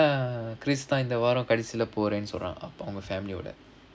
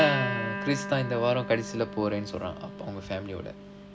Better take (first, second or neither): first